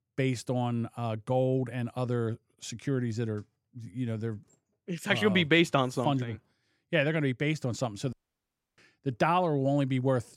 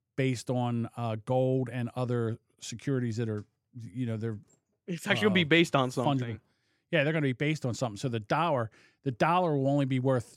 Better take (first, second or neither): second